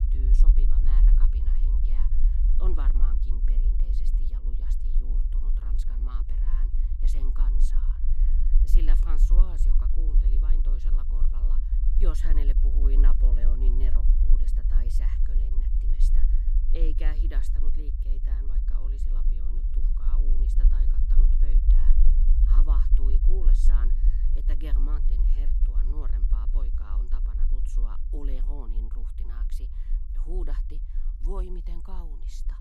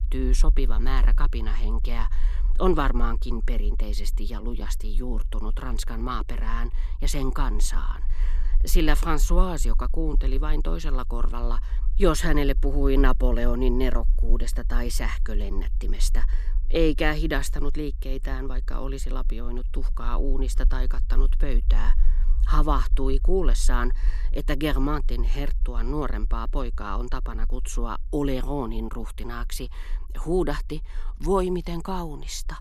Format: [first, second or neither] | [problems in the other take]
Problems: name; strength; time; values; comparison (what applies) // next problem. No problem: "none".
second | low rumble; loud; throughout; 3 dB below the speech; faint in the second